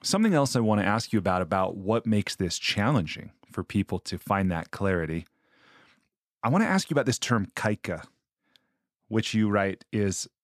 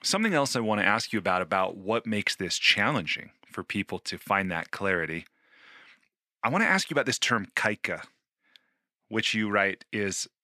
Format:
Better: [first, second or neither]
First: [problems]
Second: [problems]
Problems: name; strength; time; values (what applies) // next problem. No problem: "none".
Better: first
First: none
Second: thin; very slightly; fading below 300 Hz